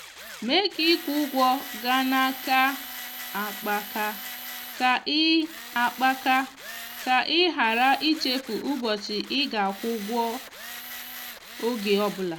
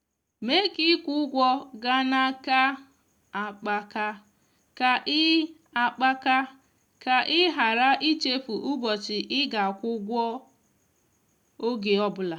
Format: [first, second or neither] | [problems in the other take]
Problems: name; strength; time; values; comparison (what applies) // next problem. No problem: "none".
second | background sound (Tools); 13 dB below the speech